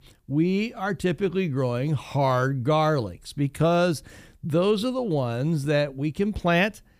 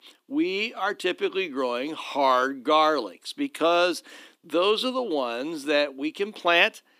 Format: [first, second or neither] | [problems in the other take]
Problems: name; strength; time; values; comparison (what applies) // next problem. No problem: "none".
first | thin; somewhat; fading below 250 Hz